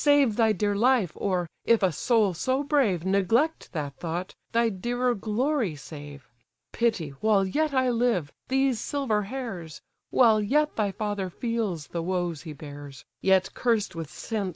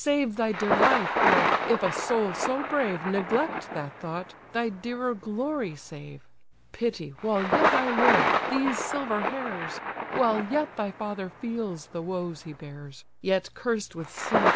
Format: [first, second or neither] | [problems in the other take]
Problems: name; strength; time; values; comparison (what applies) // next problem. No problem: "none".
first | background sound (Thunder); as loud as the speech